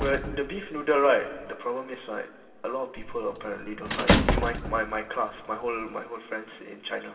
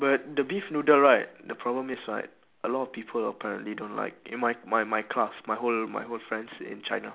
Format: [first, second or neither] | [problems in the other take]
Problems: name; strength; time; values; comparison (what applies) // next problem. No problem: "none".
second | background sound (Squeak / Slam / Human group actions); 2 dB below the speech // room echo; dies away in 1.7 s